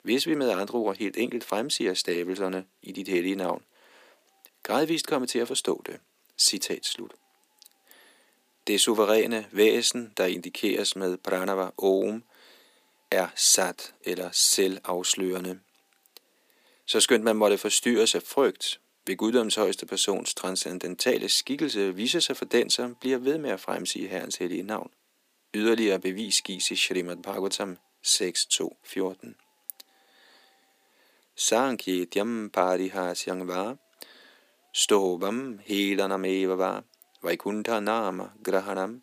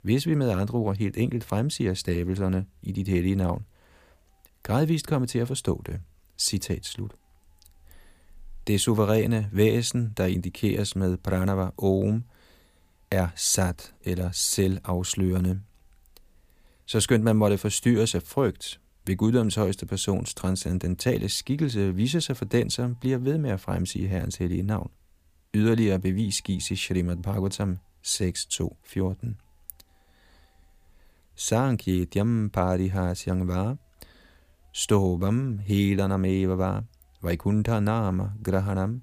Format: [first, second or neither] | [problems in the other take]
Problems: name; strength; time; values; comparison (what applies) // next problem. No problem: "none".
second | thin; somewhat; fading below 300 Hz